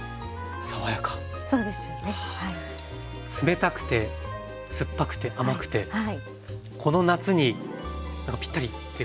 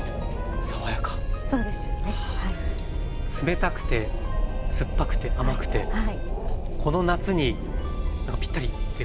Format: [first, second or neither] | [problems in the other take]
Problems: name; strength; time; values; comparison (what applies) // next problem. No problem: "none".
first | background sound (Wind); 4 dB above the speech